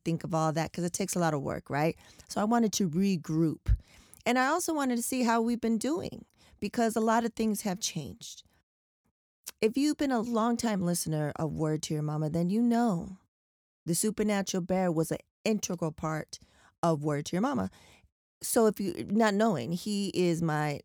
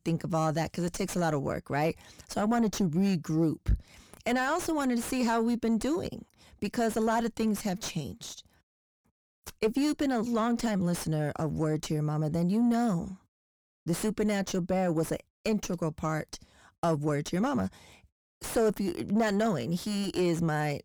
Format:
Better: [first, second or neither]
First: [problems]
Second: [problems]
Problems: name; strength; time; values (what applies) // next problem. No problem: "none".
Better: first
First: none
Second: distortion; slight; 8 dB below the speech